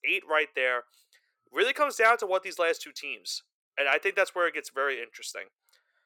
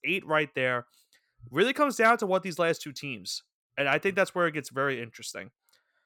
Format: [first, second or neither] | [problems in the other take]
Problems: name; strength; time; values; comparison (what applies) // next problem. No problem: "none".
second | thin; very; fading below 400 Hz